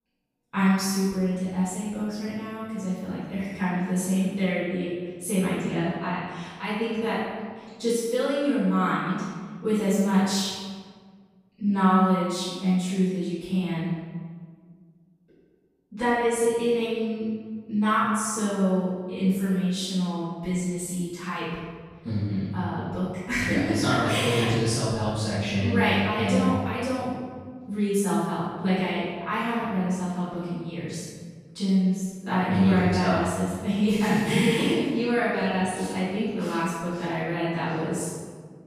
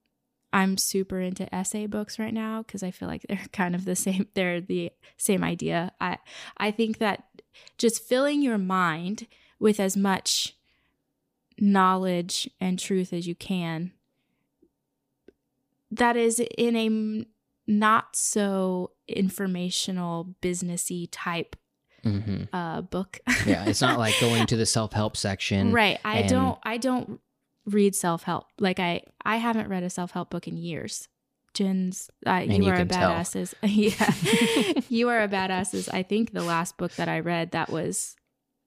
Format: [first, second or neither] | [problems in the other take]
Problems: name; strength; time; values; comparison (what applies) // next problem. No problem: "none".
second | off-mic speech; far // room echo; strong; dies away in 1.5 s